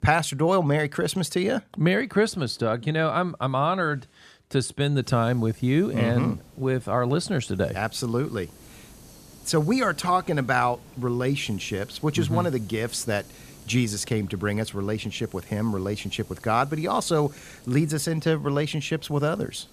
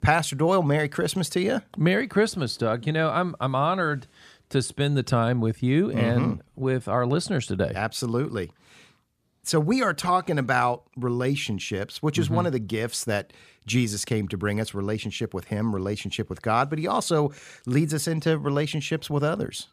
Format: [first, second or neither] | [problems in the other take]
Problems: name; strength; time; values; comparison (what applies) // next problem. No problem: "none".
second | hiss; faint; from 5 s on; 25 dB below the speech